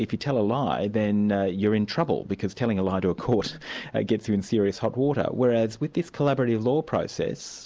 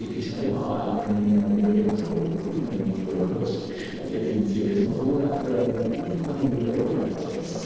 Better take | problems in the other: first | noise reduction (neural separator model SepFormer DNS4)

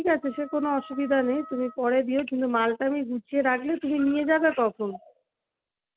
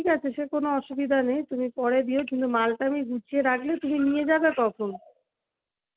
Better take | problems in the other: second | background sound (Wind instrument, woodwind instrument); 20 dB below the speech

